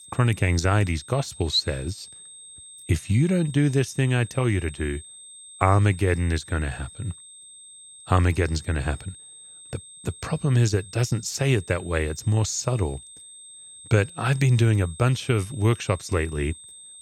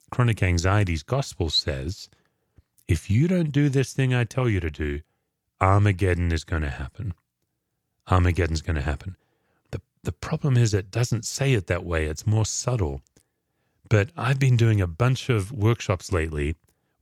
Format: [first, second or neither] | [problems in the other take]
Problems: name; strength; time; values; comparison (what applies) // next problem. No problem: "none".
second | high-pitched whine; noticeable; throughout; 8.5 kHz, 20 dB below the speech